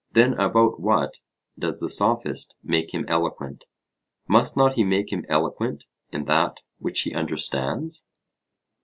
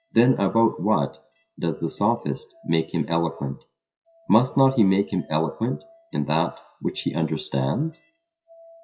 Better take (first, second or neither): first